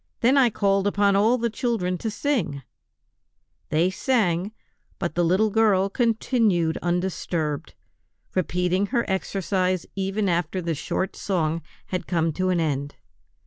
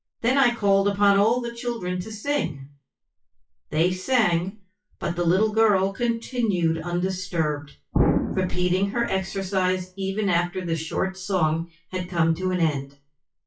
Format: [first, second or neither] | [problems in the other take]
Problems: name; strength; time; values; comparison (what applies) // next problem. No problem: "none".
first | noise reduction (classical method WPE with log-MMSE)